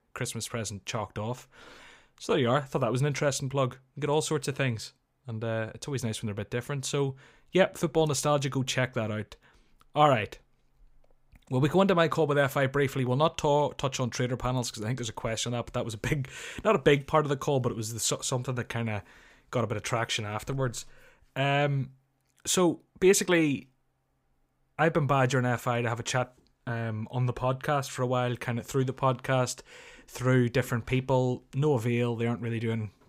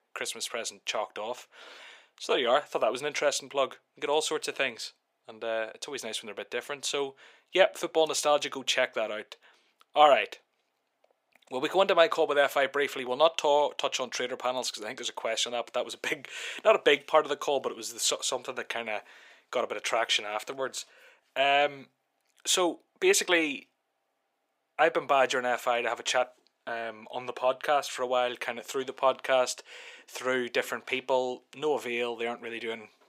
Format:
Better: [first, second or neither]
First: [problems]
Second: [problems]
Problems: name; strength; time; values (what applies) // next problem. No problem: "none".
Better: first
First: none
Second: thin; very; fading below 350 Hz